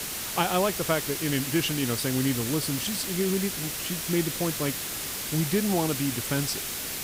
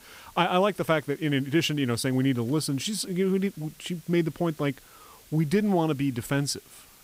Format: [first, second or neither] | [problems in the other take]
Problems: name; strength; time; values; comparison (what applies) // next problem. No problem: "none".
second | hiss; loud; throughout; 2 dB below the speech; faint in the second